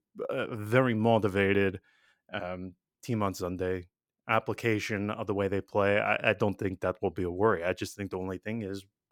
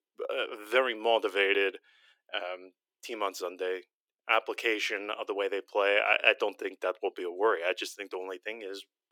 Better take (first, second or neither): first